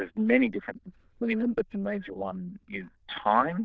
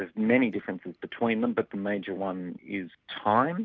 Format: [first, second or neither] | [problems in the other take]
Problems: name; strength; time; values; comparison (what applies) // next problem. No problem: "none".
second | noise reduction (neural diffusion model UNIVERSE++)